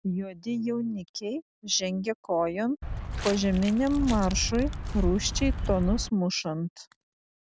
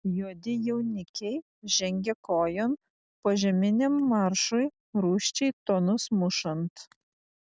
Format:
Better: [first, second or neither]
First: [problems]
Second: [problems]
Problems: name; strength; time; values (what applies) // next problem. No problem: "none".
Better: second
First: background sound (Walk, footsteps); 2 dB below the speech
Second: none